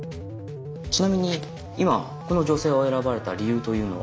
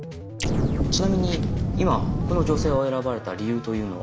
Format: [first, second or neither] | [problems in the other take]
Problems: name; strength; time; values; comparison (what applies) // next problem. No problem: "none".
first | background sound (Explosion); 2 dB above the speech